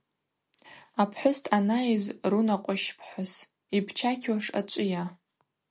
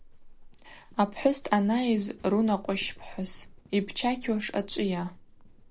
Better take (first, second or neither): first